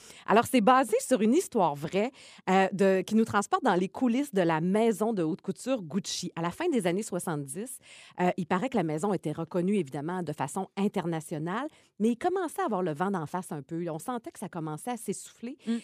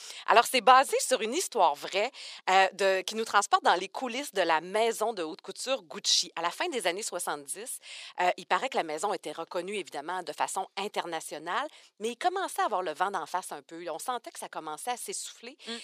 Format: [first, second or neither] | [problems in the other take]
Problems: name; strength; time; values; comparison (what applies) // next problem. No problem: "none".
first | thin; very; fading below 650 Hz